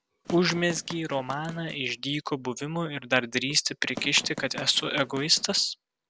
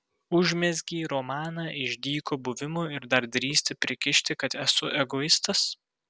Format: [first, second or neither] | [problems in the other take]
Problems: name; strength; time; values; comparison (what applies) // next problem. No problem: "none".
second | background sound (Run); 14 dB below the speech